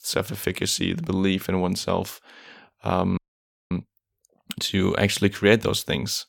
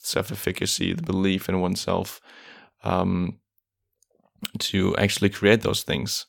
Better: second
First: audio freezing; at 3 s for 0.5 s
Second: none

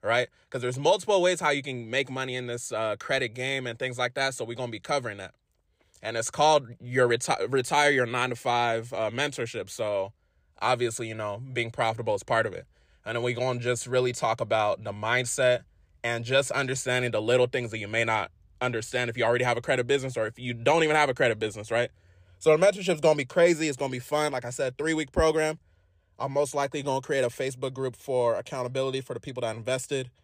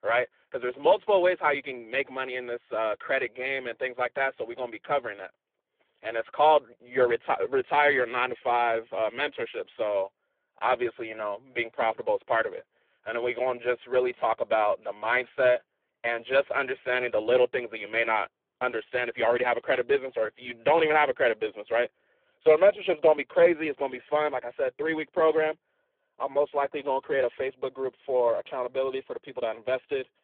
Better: first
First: none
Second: phone-call audio; poor line

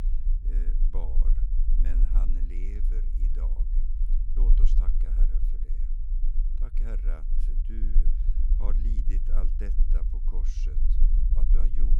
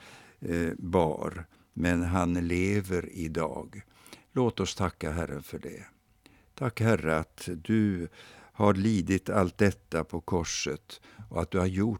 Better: second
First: low rumble; loud; throughout; 3 dB below the speech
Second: none

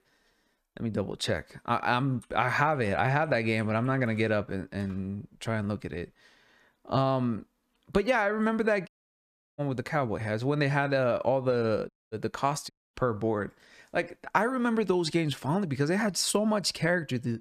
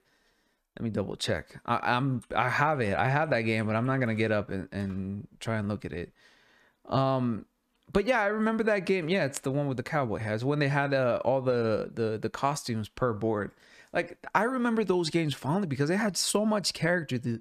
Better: second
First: audio cutting out; at 9 s for 0.5 s, at 12 s and at 13 s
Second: none

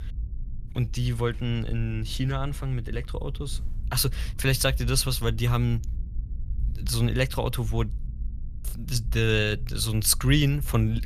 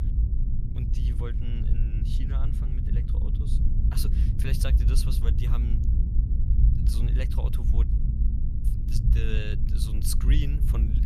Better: first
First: low rumble; faint; throughout; 25 dB below the speech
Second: low rumble; loud; throughout; 3 dB below the speech

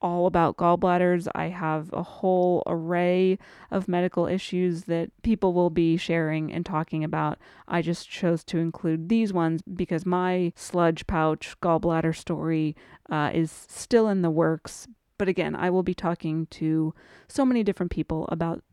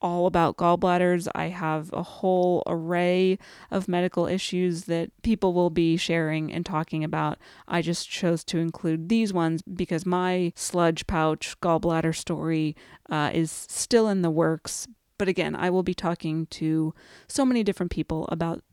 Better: second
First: muffled; slightly; fading above 3 kHz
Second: none

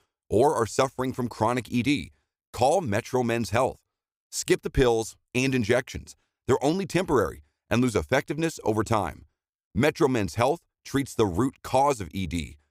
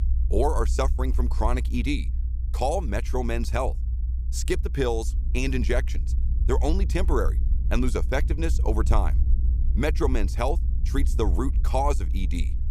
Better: first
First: none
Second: low rumble; noticeable; throughout; 15 dB below the speech

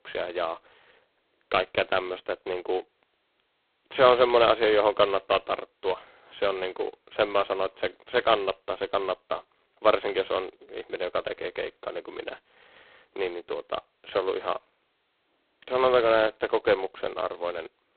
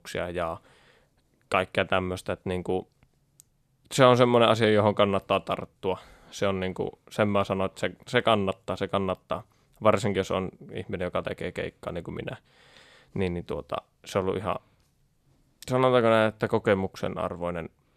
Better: second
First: phone-call audio; poor line; nothing above 4 kHz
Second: none

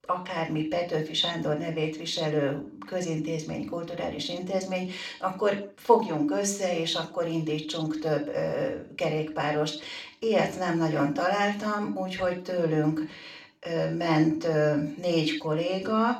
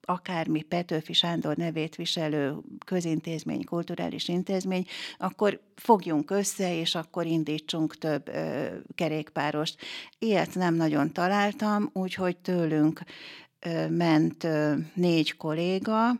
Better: second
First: room echo; slight; dies away in 0.4 s // off-mic speech; far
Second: none

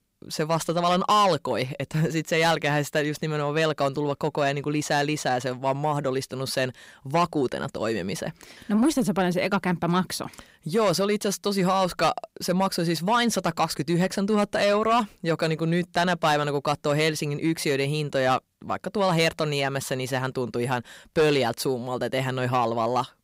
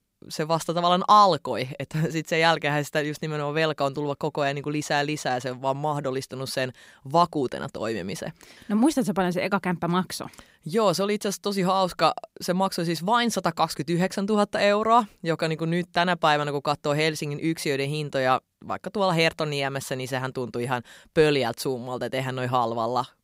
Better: second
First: distortion; slight; 10 dB below the speech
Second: none

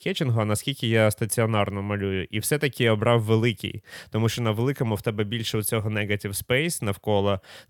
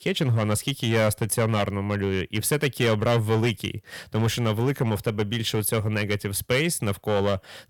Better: first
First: none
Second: distortion; slight; 6% of the sound clipped

